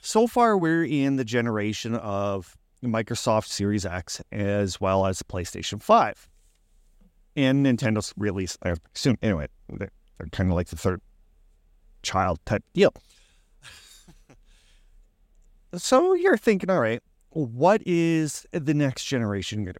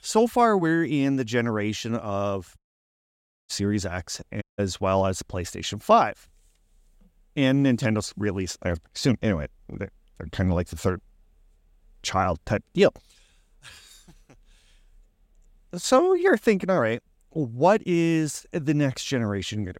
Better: first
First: none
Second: audio cutting out; at 2.5 s for 1 s and at 4.5 s

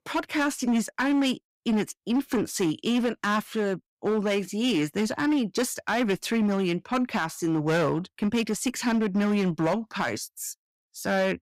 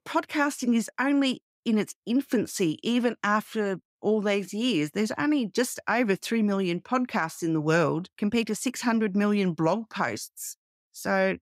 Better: second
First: distortion; slight; 10% of the sound clipped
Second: none

